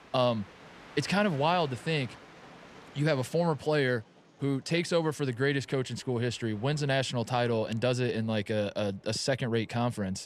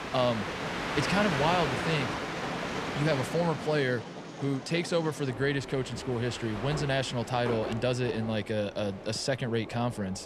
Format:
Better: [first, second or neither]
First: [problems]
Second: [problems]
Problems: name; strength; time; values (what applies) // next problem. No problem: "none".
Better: first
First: train or aircraft noise; faint; throughout; 20 dB below the speech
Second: train or aircraft noise; loud; throughout; 5 dB below the speech